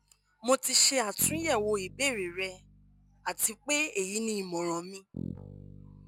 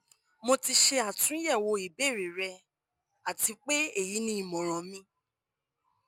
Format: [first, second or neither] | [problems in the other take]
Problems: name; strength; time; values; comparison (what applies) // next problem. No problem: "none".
second | background sound (Bass guitar); 15 dB below the speech